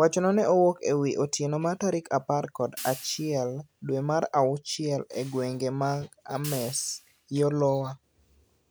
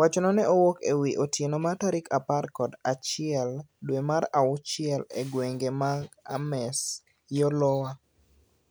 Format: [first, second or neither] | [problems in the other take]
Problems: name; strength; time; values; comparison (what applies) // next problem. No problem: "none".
second | background sound (Hi-hat); 17 dB below the speech